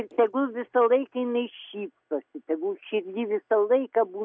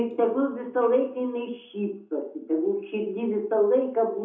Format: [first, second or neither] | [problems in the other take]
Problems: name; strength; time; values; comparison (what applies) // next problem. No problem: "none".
first | room echo; dies away in 0.5 s